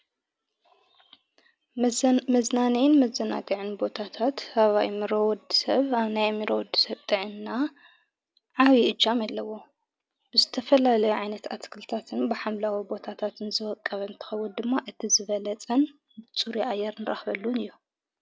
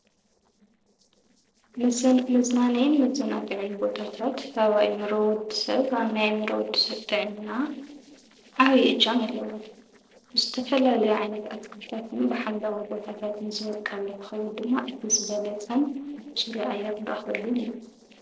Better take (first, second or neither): first